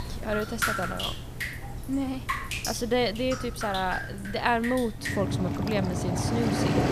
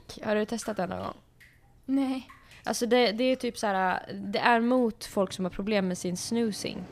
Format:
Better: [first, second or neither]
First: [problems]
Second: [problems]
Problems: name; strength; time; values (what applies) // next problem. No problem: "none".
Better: second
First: rain or running water; loud; throughout; 2 dB below the speech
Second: rain or running water; faint; throughout; 25 dB below the speech